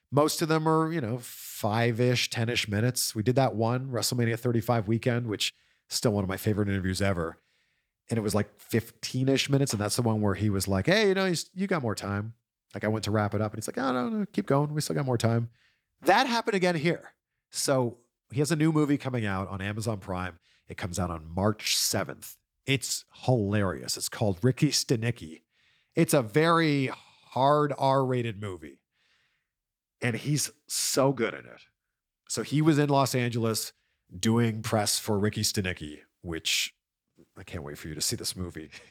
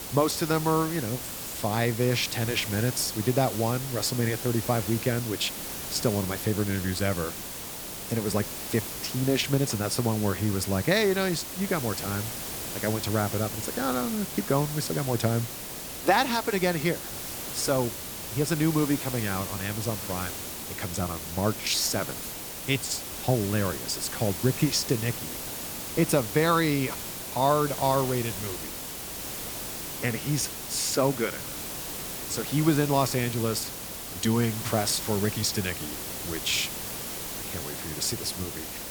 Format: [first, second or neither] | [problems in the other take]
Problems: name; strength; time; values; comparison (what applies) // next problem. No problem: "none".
first | hiss; loud; throughout; 6 dB below the speech